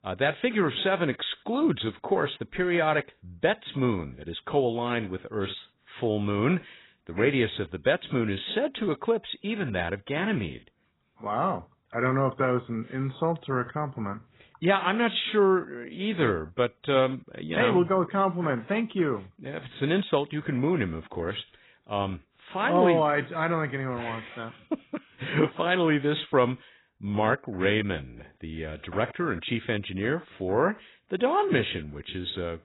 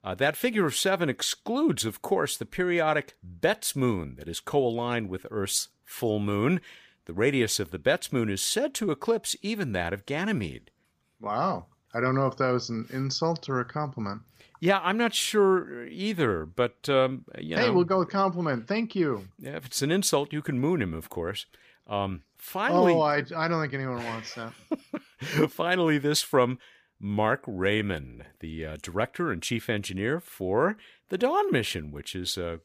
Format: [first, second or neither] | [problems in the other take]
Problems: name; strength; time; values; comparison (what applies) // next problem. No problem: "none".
second | garbled, watery; badly; nothing above 4 kHz